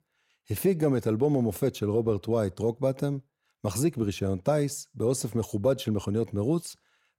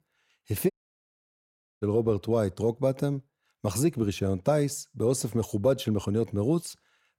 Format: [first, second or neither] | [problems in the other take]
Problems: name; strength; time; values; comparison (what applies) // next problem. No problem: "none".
first | audio cutting out; at 0.5 s for 1 s